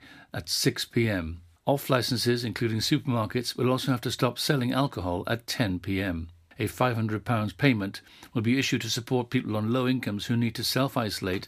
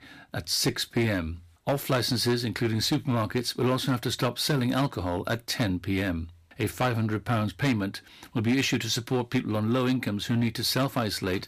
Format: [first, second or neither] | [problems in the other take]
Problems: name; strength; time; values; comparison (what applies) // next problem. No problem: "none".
first | distortion; slight; 6% of the sound clipped